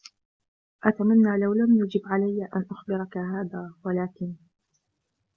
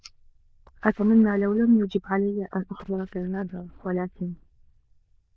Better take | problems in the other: first | noise reduction (neural diffusion model UNIVERSE++)

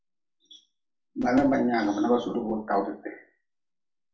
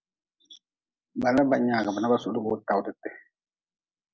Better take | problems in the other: second | room echo; dies away in 0.3 s

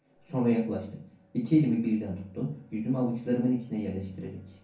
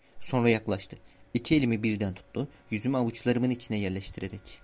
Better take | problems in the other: second | room echo; dies away in 0.6 s

